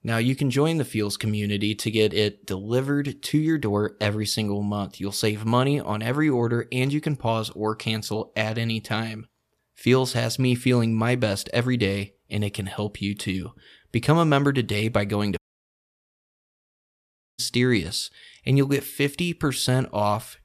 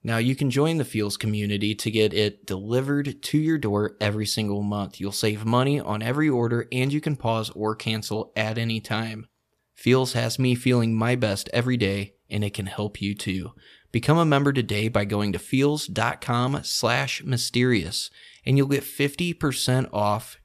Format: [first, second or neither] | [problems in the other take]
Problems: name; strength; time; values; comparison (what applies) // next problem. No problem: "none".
second | audio cutting out; at 15 s for 2 s